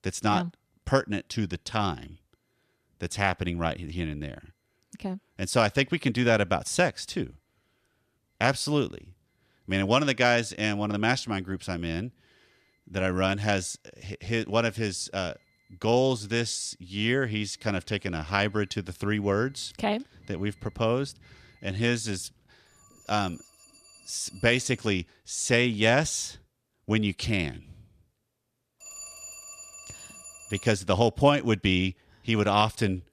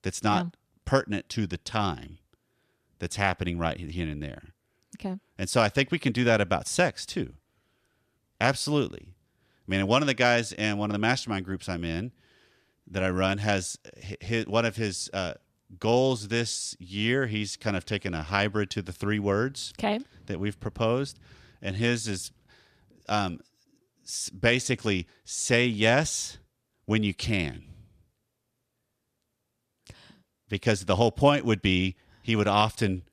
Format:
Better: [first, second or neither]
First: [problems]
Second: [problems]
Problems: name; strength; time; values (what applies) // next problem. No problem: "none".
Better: second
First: alarms or sirens; noticeable; throughout; 20 dB below the speech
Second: none